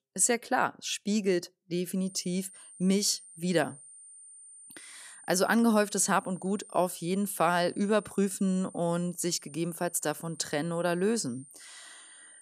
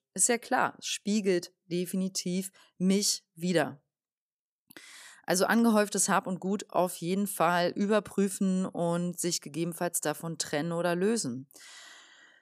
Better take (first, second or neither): second